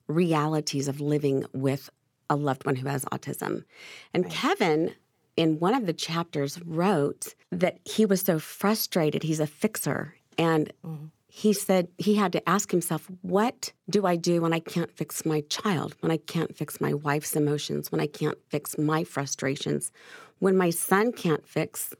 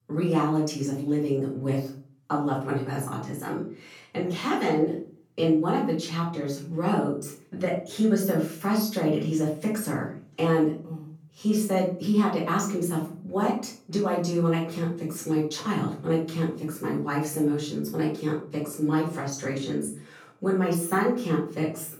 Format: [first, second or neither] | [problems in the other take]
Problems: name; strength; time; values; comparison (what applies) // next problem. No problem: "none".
first | off-mic speech; far // room echo; noticeable; dies away in 0.4 s